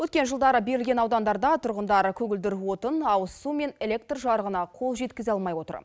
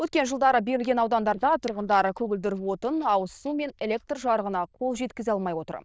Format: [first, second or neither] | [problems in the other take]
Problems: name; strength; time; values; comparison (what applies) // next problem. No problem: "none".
first | noise reduction (neural diffusion model UNIVERSE++)